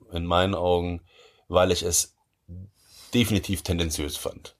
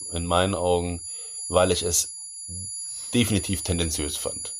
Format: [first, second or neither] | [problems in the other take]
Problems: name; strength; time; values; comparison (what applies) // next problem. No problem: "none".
first | high-pitched whine; loud; throughout; 10.5 kHz, 7 dB below the speech